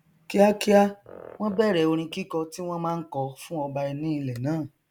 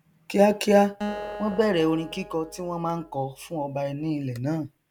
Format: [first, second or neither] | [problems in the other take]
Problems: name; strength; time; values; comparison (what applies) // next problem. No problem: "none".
first | background sound (Acoustic guitar); 14 dB below the speech